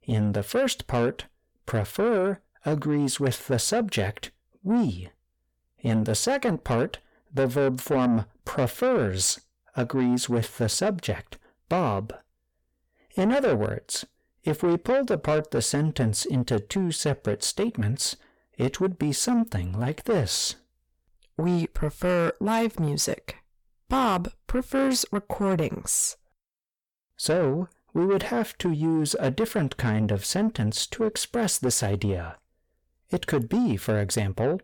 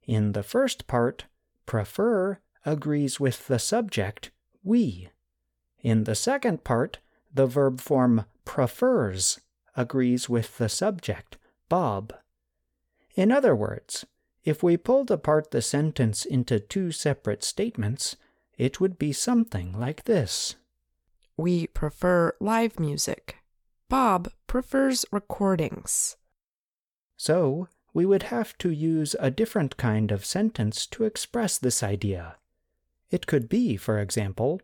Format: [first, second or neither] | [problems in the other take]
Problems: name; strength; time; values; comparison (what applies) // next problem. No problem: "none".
second | distortion; slight; 10 dB below the speech